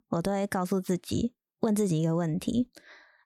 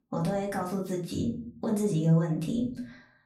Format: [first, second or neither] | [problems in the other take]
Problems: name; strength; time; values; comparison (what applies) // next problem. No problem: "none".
first | off-mic speech; far // room echo; slight; dies away in 0.5 s